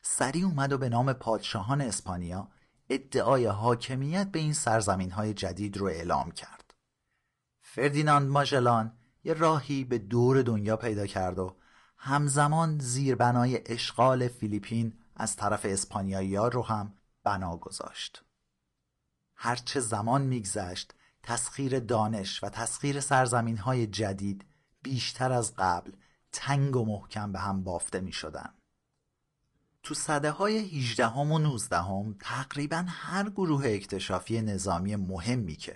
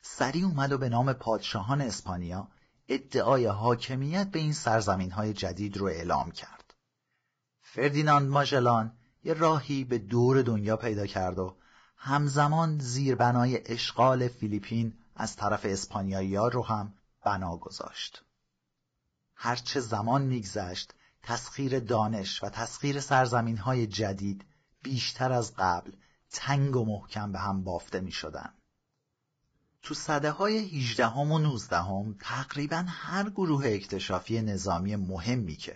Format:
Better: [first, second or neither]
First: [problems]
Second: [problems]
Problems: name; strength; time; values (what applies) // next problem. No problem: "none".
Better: first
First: garbled, watery; slightly; nothing above 10 kHz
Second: garbled, watery; badly; nothing above 7.5 kHz